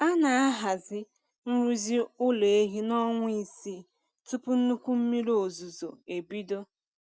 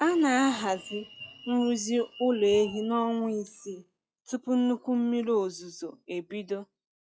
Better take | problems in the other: first | noise reduction (classical method log-MMSE)

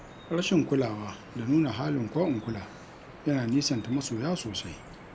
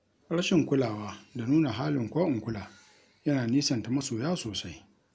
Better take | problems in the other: second | background sound (Drip); 17 dB below the speech

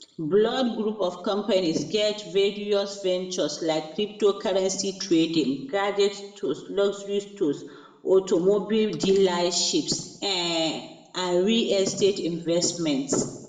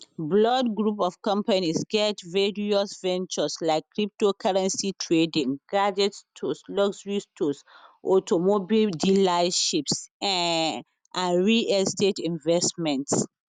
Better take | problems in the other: second | room echo; dies away in 0.7 s

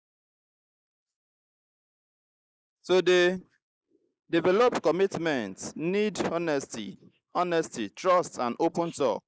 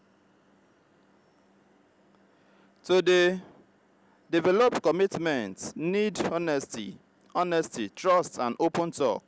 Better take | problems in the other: second | noise reduction (neural mask model Resemble Enhance denoiser)

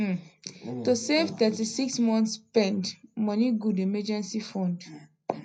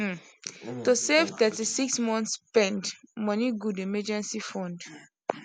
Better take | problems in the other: second | room echo; dies away in 0.4 s

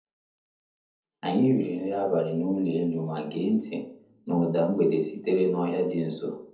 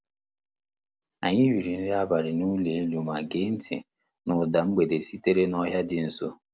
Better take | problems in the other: second | room echo; dies away in 0.7 s

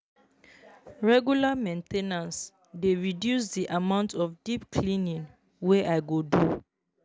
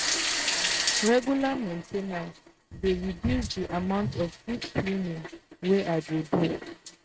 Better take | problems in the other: first | noise reduction (neural mask model RNNoise)

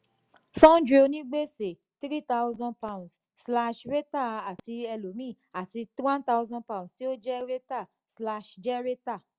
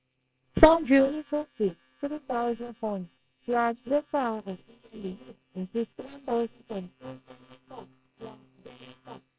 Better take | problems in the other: first | noise reduction (neural separator model SepFormer WHAMR!)

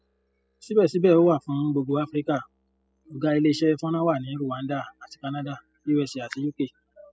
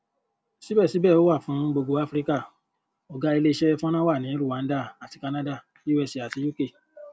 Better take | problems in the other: second | noise reduction (classical method spectral subtraction)

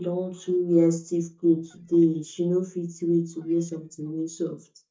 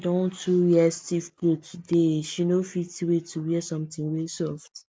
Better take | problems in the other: second | noise reduction (neural mask model DeepFilterNet 3)

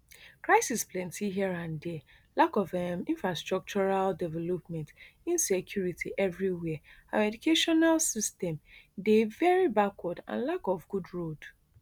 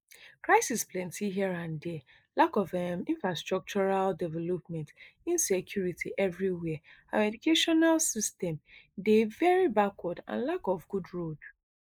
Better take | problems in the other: first | noise reduction (neural mask model Resemble Enhance denoiser)

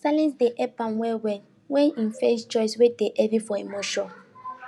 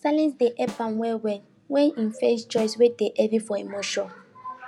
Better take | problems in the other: first | background sound (Snare drum); 18 dB below the speech

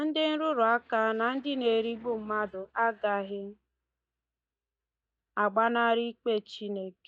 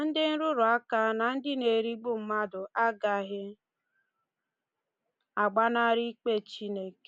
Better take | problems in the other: second | noise reduction (neural mask model DeepFilterNet 3)

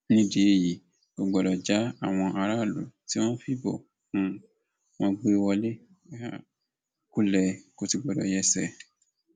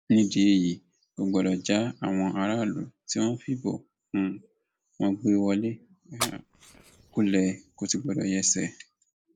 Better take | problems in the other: first | noise reduction (neural mask model Resemble Enhance denoiser)

